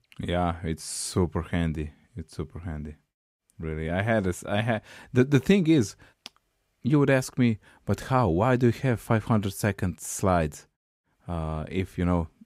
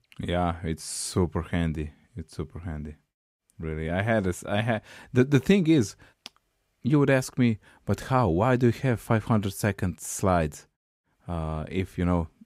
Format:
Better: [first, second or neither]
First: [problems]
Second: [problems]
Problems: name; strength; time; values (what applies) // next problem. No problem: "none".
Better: neither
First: none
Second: none